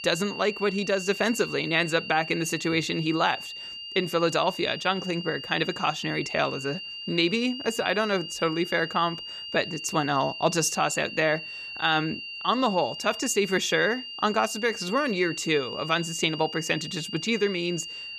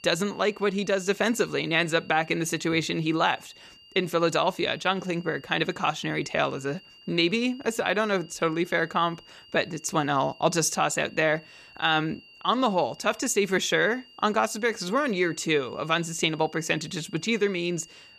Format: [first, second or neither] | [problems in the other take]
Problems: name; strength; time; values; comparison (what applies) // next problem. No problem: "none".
second | high-pitched whine; loud; throughout; 3 kHz, 9 dB below the speech; faint in the second